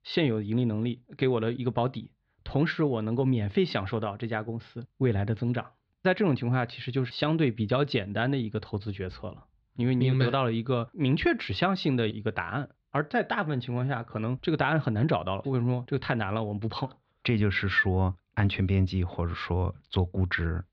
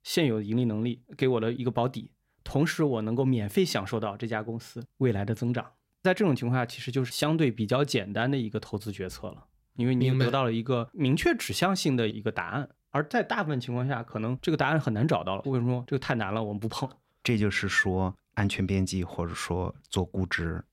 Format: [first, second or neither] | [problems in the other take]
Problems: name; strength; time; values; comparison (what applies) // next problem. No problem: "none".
second | muffled; very slightly; fading above 4 kHz